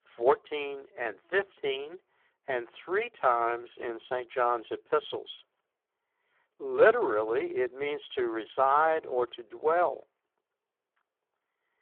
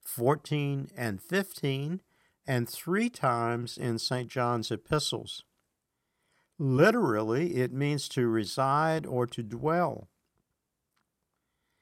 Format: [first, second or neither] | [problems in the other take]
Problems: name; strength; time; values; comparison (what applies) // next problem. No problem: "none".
second | phone-call audio; poor line; nothing above 3.5 kHz